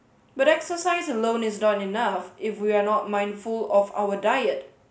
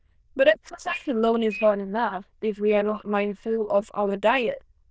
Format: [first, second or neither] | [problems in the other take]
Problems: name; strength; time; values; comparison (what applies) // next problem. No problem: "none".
first | noise reduction (neural diffusion model UNIVERSE++)